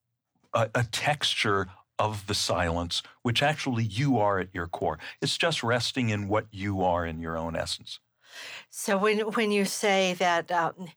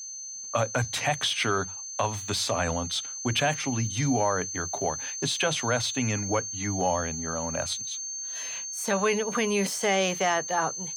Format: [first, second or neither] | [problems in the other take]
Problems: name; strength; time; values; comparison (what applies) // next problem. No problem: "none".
first | high-pitched whine; loud; throughout; 6.5 kHz, 5 dB below the speech